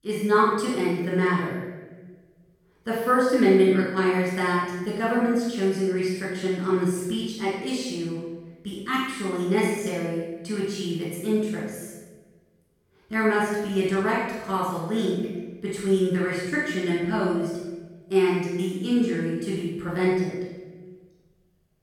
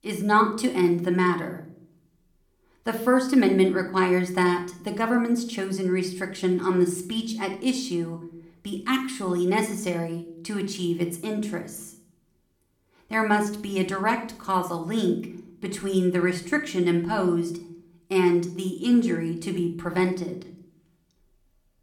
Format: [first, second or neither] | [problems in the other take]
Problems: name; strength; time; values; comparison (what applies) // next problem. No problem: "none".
second | room echo; strong; dies away in 1.1 s; slight in the second // off-mic speech; far; somewhat distant in the second